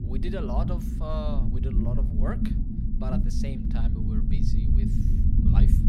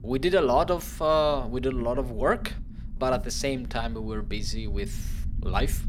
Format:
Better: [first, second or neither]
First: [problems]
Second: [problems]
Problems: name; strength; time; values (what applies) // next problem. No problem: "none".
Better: second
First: low rumble; loud; throughout; as loud as the speech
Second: low rumble; faint; throughout; 25 dB below the speech